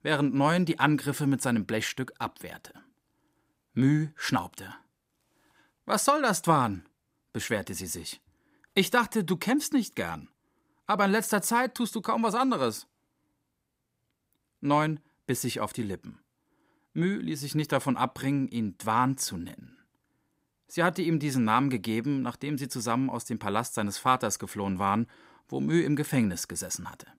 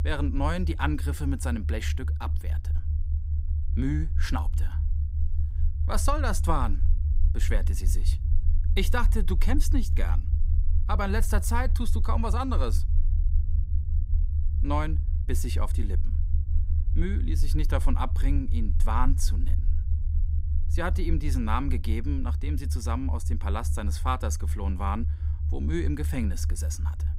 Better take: first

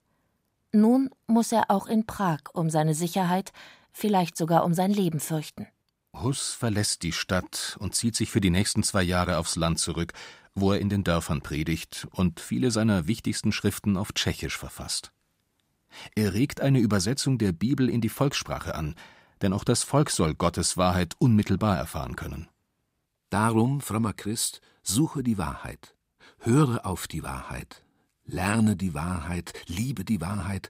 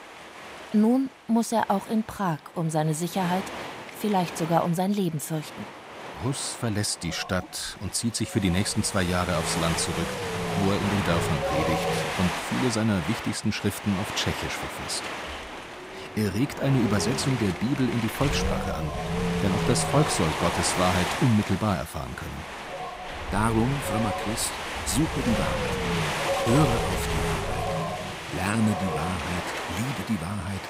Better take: first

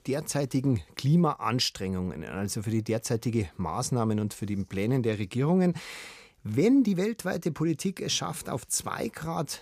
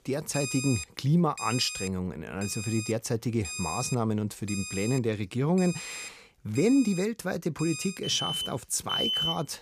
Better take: first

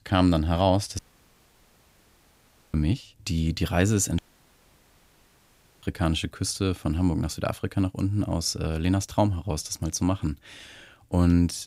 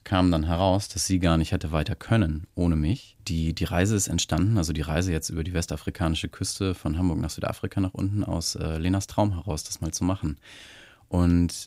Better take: second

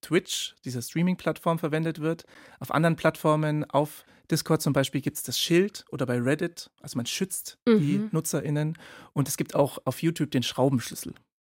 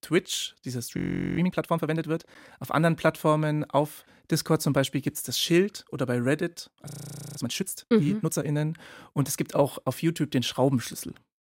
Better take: first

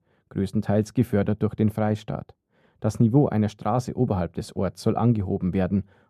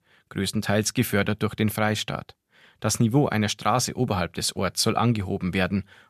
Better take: second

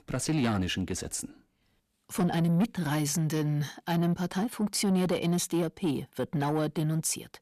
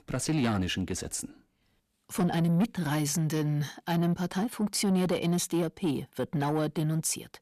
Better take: neither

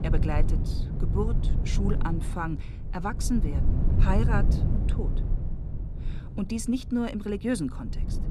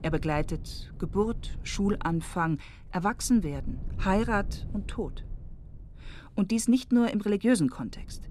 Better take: second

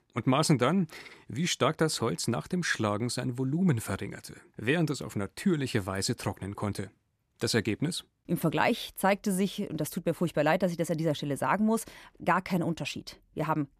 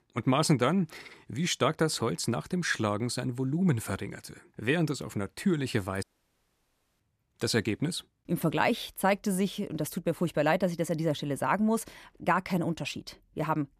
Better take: first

